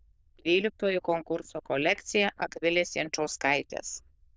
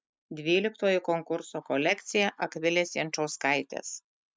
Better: second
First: noise reduction (neural diffusion model UNIVERSE++)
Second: none

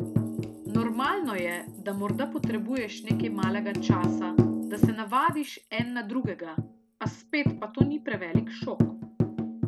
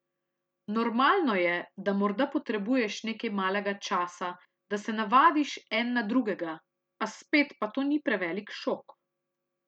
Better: second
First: background sound (Tambourine); 3 dB above the speech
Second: none

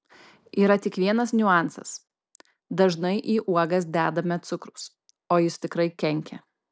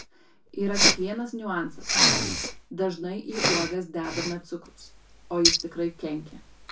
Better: first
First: none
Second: background sound (Respiratory sounds); 3 dB above the speech // room echo; dies away in 0.2 s

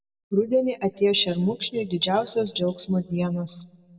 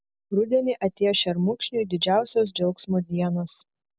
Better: second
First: room echo; dies away in 0.8 s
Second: none

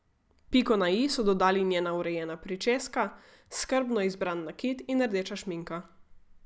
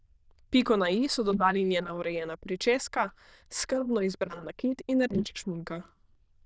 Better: first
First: none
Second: noise reduction (neural diffusion model UNIVERSE++)

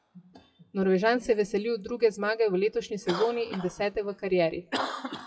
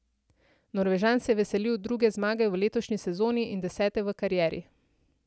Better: second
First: noise reduction (classical method WPE with log-MMSE)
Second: none

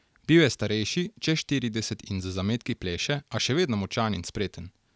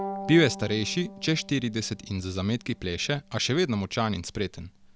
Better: first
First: none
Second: background sound (Bowed string instrument); 15 dB below the speech

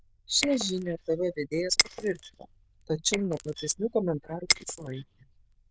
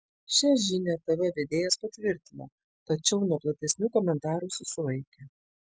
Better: second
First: noise reduction (neural diffusion model UNIVERSE++)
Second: none

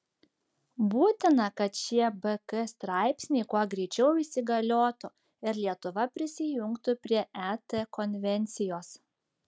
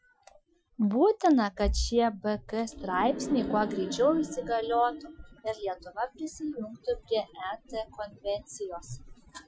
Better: first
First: none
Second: noise reduction (classical method Wiener filter)

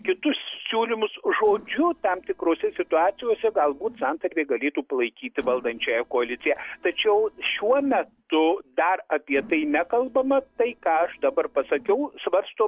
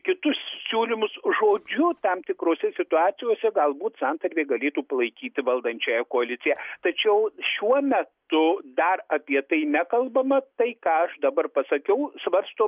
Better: second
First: noise reduction (neural separator model SepFormer DNS4)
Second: none

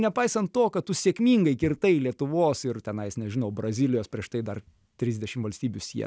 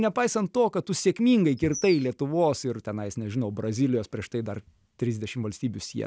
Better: first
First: none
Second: background sound (Bird vocalization, bird call, bird song); 14 dB below the speech

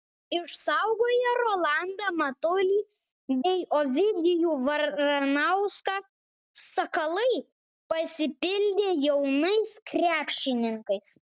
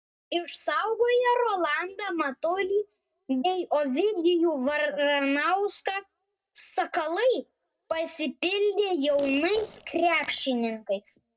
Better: first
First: none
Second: noise reduction (neural separator model SepFormer DNS4)

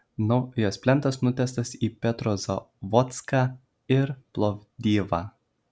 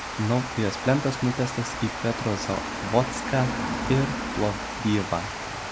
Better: first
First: none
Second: background sound (Water); 5 dB below the speech

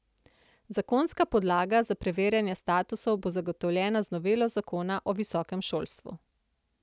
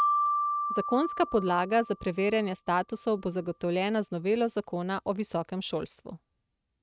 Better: first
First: none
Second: noise reduction (neural mask model RNNoise)

